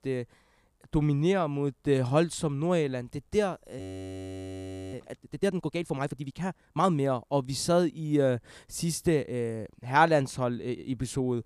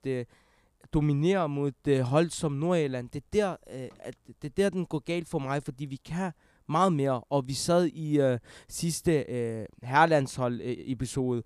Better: second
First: audio freezing; at 4 s for 1 s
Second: none

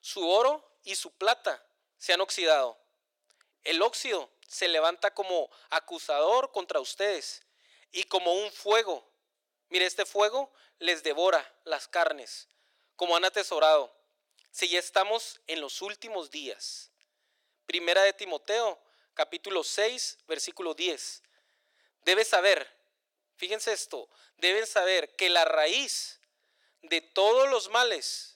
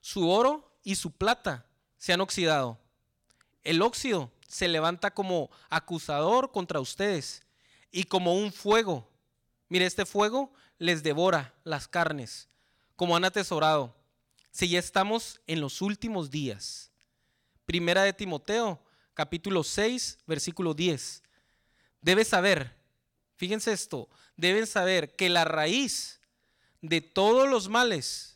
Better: second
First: thin; very; fading below 350 Hz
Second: none

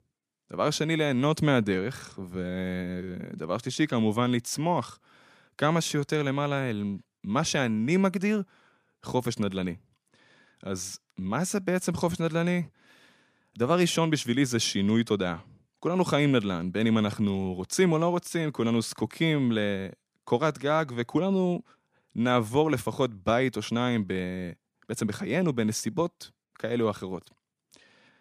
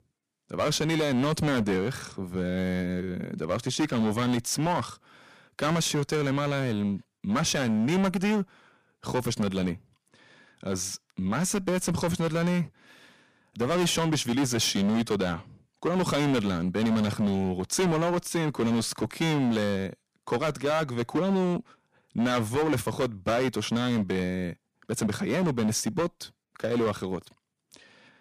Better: first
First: none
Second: distortion; heavy; 13% of the sound clipped

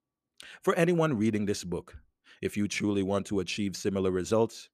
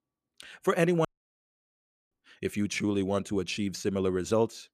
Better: first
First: none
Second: audio cutting out; at 1 s for 1 s

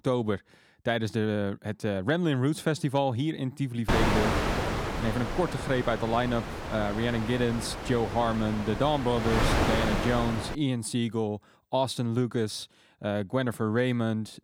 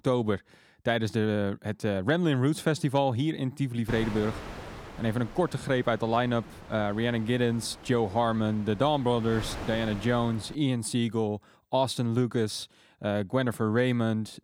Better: second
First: wind noise on the microphone; heavy; from 4 to 11 s; 1 dB below the speech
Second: wind noise on the microphone; occasional gusts; from 4 to 11 s; 15 dB below the speech

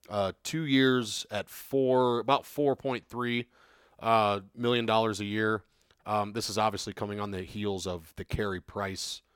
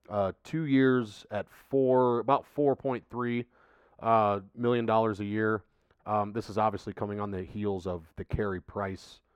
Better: first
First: none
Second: muffled; very; fading above 2.5 kHz

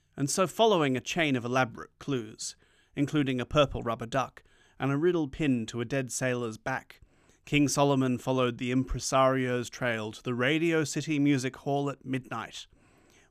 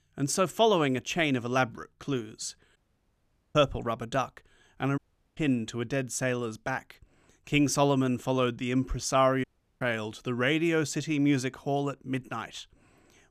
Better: first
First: none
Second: audio cutting out; at 3 s for 1 s, at 5 s and at 9.5 s

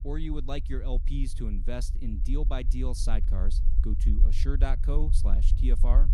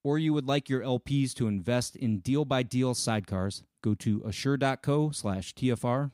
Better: second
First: low rumble; noticeable; throughout; 10 dB below the speech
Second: none

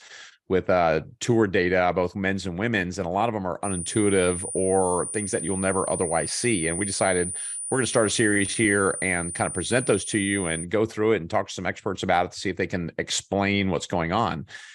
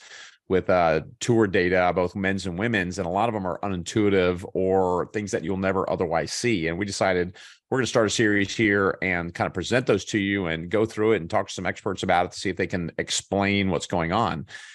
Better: second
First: high-pitched whine; loud; from 3.5 to 11 s; 9.5 kHz, 5 dB below the speech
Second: none

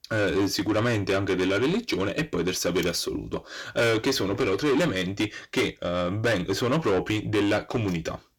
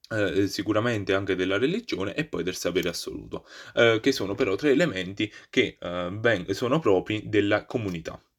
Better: second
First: distortion; heavy; 7 dB below the speech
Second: none

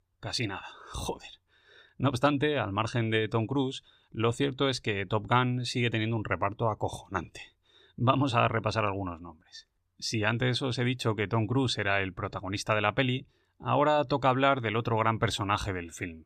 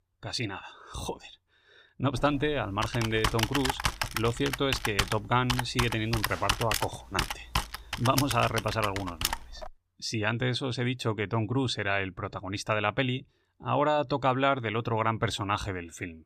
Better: first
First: none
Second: keyboard typing; loud; from 2 to 9.5 s; peak 1 dB above the speech

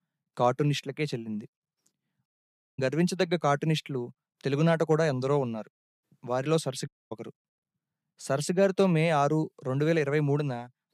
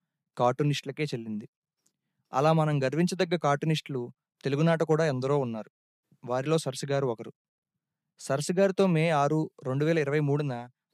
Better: second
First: audio cutting out; at 2.5 s for 0.5 s and at 7 s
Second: none

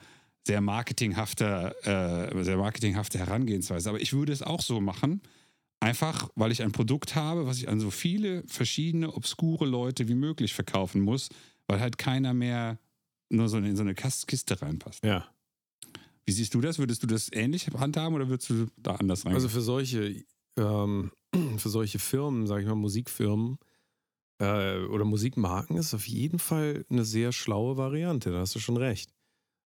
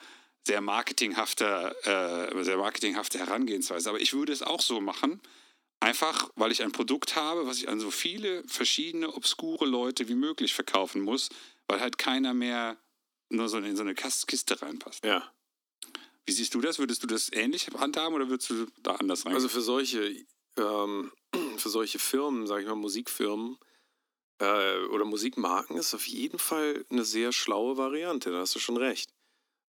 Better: first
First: none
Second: thin; somewhat; fading below 250 Hz

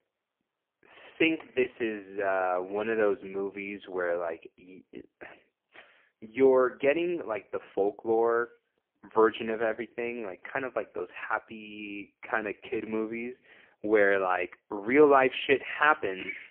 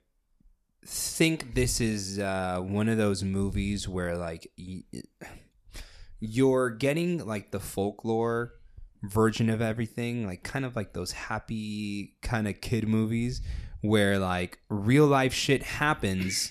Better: second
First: phone-call audio; poor line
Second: none

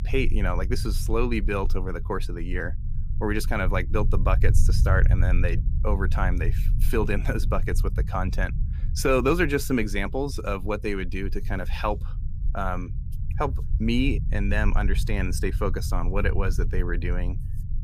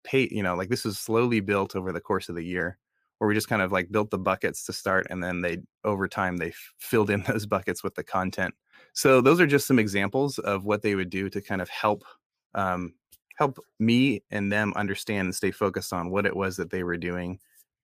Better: second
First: low rumble; noticeable; throughout; 15 dB below the speech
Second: none

